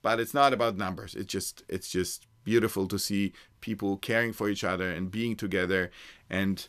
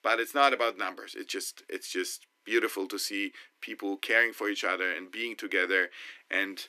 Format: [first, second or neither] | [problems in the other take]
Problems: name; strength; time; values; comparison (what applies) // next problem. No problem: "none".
first | thin; somewhat; fading below 300 Hz